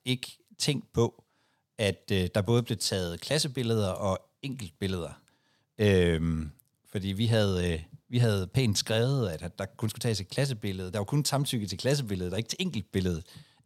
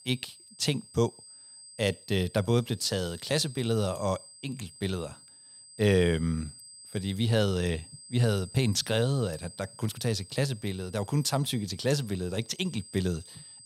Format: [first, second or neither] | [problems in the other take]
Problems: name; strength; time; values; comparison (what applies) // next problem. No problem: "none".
first | high-pitched whine; noticeable; throughout; 8 kHz, 20 dB below the speech